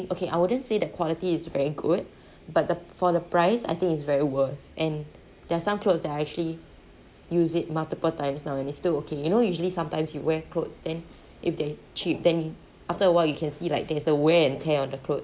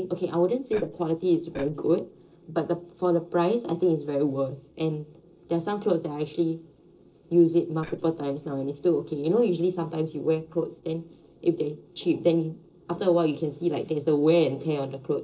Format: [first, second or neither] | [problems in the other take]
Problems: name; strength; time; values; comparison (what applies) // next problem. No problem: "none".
first | noise reduction (neural separator model SepFormer DNS4)